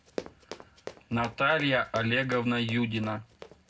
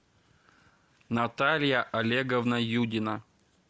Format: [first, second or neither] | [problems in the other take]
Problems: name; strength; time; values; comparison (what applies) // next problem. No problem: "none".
second | background sound (Run); 16 dB below the speech // room echo; dies away in 0.3 s